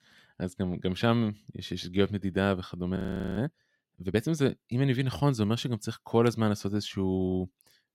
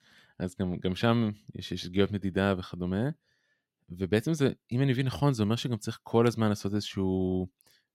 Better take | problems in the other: second | audio freezing; at 3 s

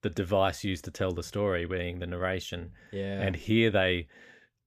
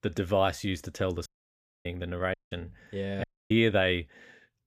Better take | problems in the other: first | audio cutting out; at 1.5 s for 0.5 s, at 2.5 s and at 3 s

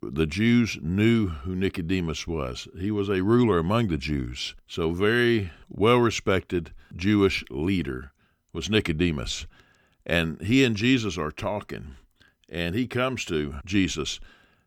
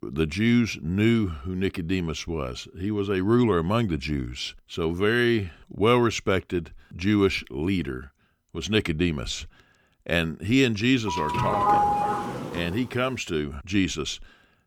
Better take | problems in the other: first | doorbell; loud; from 11 to 13 s; peak 4 dB above the speech

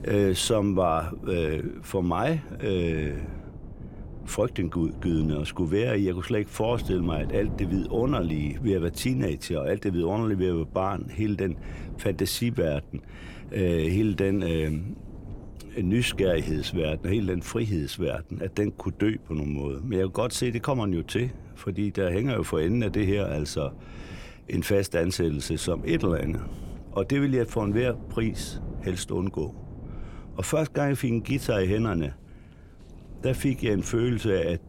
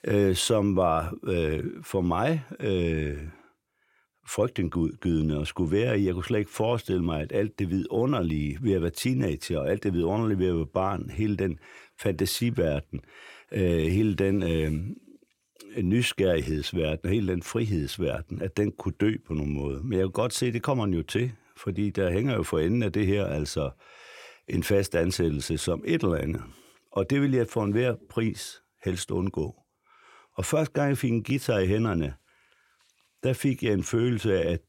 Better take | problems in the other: second | wind noise on the microphone; occasional gusts; 20 dB below the speech

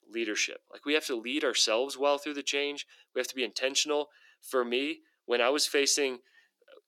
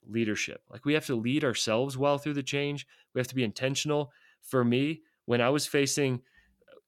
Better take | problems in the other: second | thin; somewhat; fading below 300 Hz

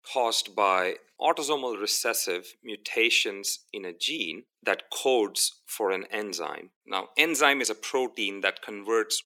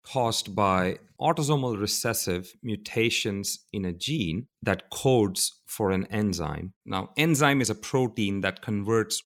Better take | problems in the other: second | thin; very; fading below 350 Hz

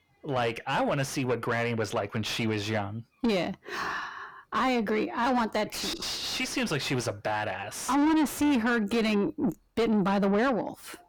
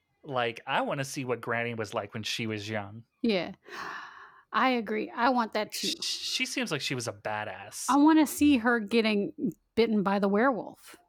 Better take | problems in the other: second | distortion; heavy; 6 dB below the speech

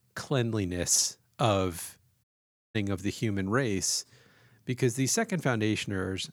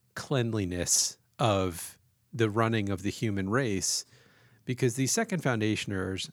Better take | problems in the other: second | audio cutting out; at 2 s for 0.5 s

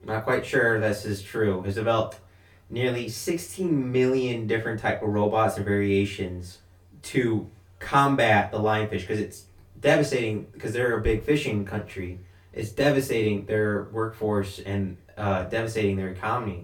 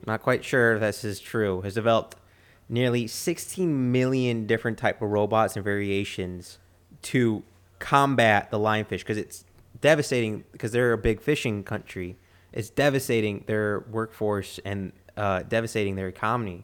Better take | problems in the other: second | off-mic speech; far // room echo; very slight; dies away in 0.2 s

